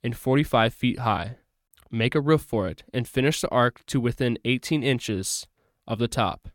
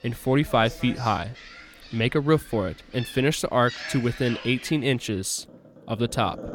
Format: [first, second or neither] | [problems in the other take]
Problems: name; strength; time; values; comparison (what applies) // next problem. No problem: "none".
first | animal sounds; noticeable; throughout; 15 dB below the speech